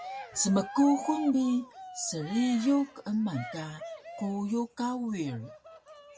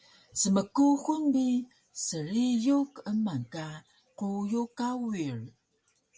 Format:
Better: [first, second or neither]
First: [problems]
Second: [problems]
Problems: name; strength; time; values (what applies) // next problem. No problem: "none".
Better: second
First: background sound (Cheering); 14 dB below the speech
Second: none